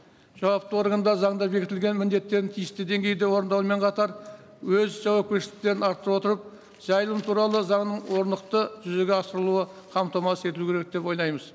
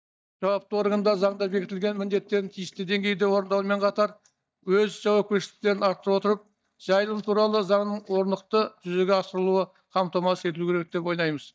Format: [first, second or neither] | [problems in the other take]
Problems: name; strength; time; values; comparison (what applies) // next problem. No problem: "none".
first | noise reduction (neural mask model DeepFilterNet 3)